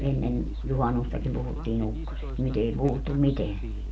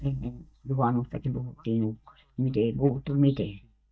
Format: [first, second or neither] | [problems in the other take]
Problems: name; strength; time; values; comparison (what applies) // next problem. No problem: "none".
first | noise reduction (neural mask model DeepFilterNet 3)